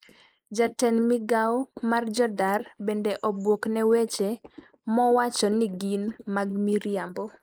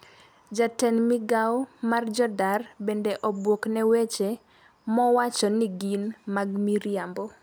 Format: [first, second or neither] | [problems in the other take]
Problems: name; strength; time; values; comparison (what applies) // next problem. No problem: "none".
second | noise reduction (neural mask model Resemble Enhance denoiser)